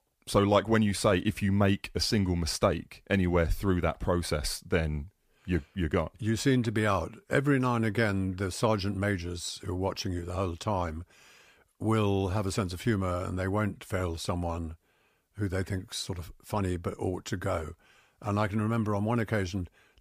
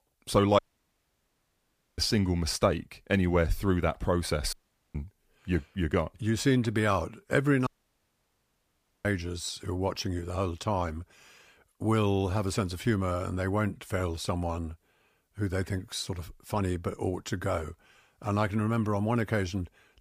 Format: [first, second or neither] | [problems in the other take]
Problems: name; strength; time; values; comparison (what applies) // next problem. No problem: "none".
first | audio cutting out; at 0.5 s for 1.5 s, at 4.5 s and at 7.5 s for 1.5 s